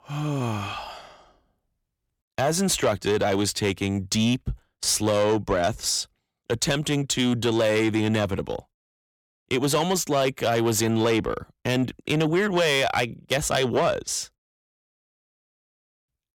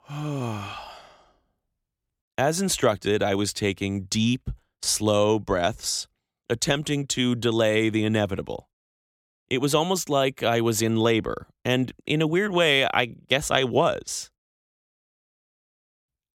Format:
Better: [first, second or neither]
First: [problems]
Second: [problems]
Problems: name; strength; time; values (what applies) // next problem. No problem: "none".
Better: second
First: distortion; slight; 10 dB below the speech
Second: none